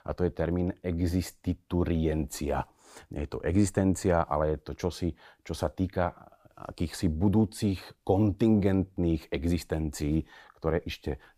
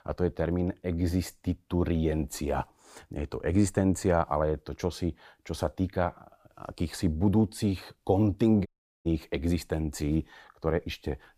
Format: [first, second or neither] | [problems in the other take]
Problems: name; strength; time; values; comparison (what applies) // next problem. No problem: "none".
first | audio cutting out; at 8.5 s